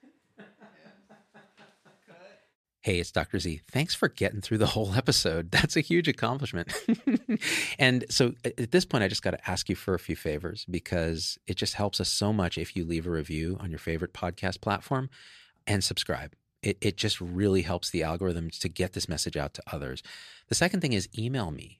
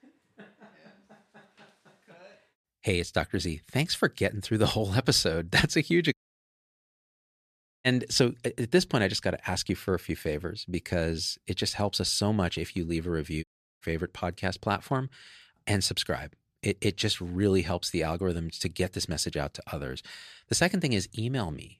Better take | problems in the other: first | audio cutting out; at 6 s for 1.5 s and at 13 s

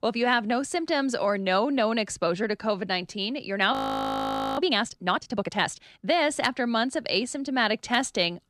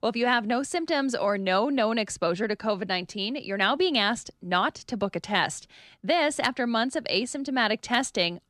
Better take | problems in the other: second | audio freezing; at 3.5 s for 1 s

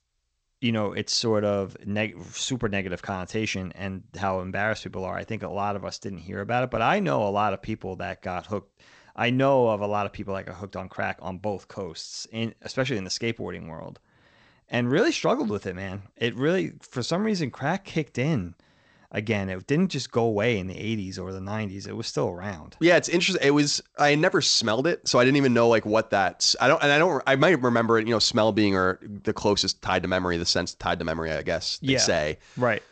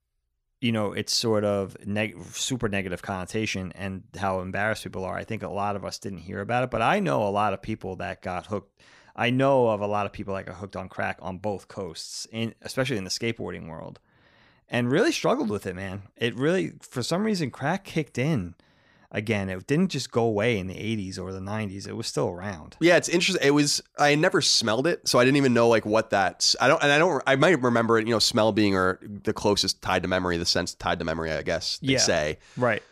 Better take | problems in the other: second | garbled, watery; slightly; nothing above 7.5 kHz

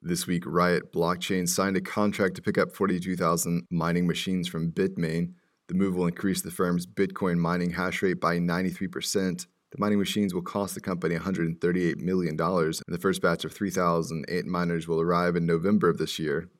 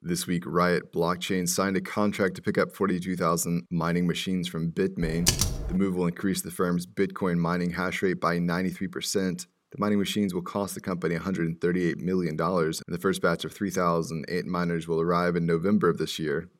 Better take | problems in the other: first | keyboard typing; loud; at 5 s; peak 3 dB above the speech

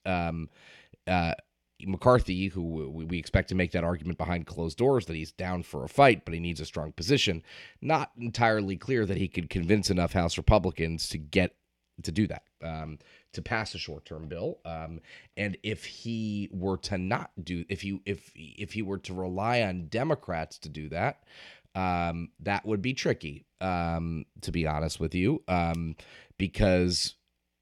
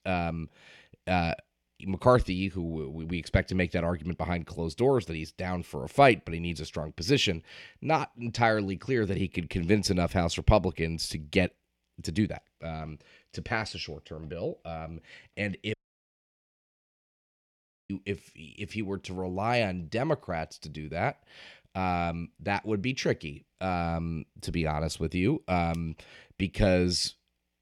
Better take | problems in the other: first | audio cutting out; at 16 s for 2 s

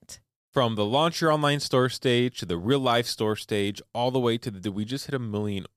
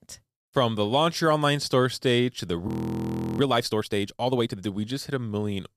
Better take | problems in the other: first | audio freezing; at 2.5 s for 0.5 s

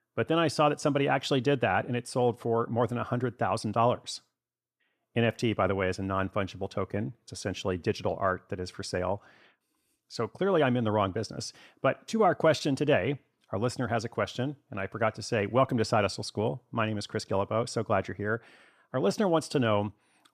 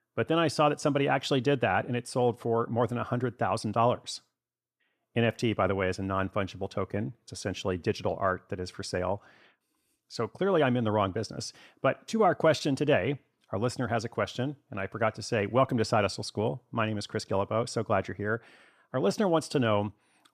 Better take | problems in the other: neither | none

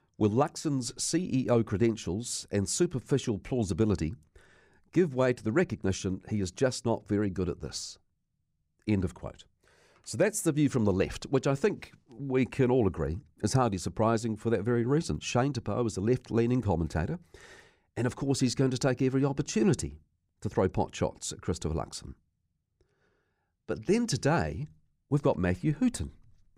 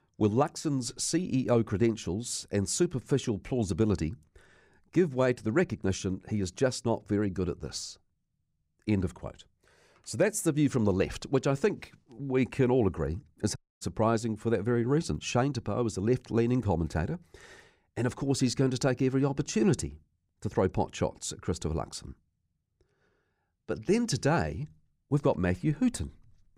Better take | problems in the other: first | audio cutting out; at 14 s

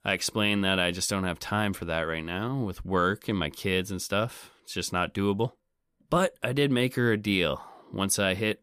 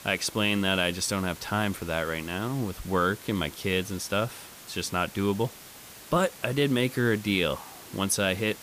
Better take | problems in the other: first | hiss; noticeable; throughout; 15 dB below the speech

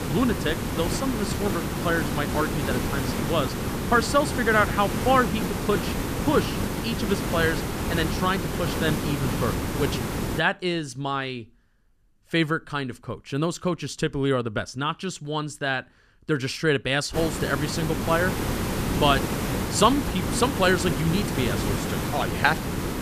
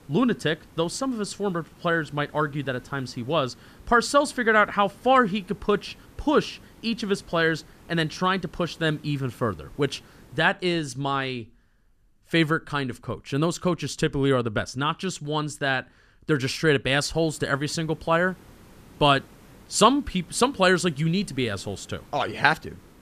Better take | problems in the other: second | hiss; loud; until 10 s and from 17 s on; 2 dB below the speech; faint in the second

